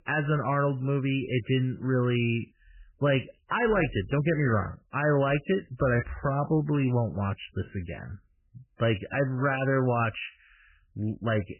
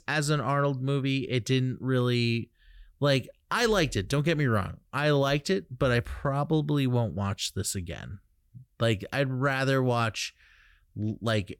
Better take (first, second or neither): second